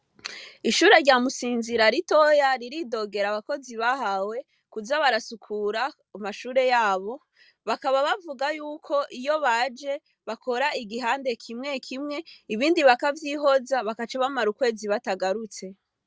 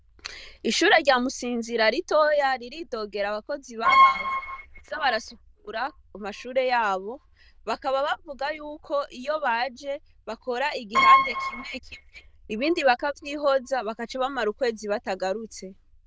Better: first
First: none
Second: noise reduction (neural diffusion model UNIVERSE++)

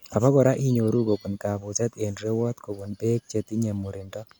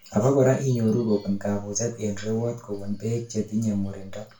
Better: first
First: none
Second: room echo; dies away in 0.3 s

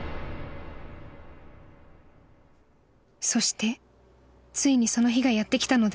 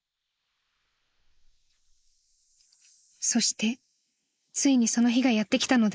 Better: first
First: none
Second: noise reduction (neural mask model Resemble Enhance denoiser)

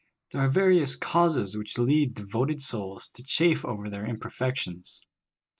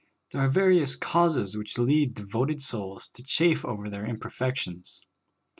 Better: second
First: noise reduction (neural mask model Resemble Enhance denoiser)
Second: none

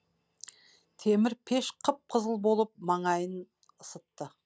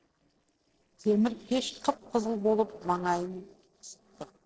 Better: first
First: none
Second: noise reduction (neural separator model SepFormer DNS4)

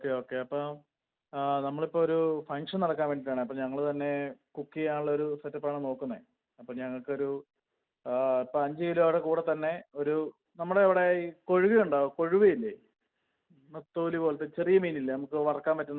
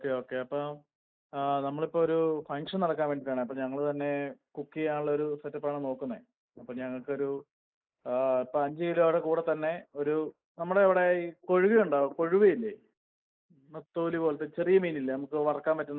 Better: first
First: none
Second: noise reduction (neural mask model Resemble Enhance denoiser)

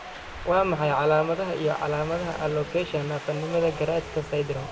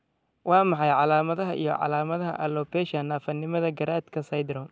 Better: second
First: background sound (Wind); 12 dB below the speech // room echo; dies away in 0.7 s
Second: none

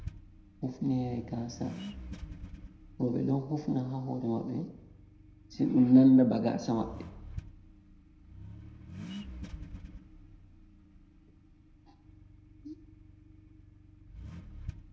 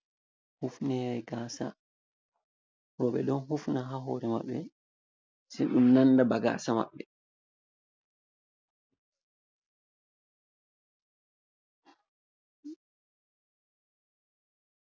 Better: second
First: background sound (Accelerating, revving, vroom); 15 dB below the speech // room echo; dies away in 0.8 s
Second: none

